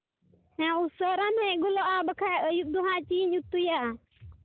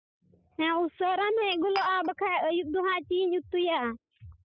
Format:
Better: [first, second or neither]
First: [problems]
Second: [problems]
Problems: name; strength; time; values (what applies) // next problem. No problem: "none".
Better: first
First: none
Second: noise reduction (classical method spectral subtraction)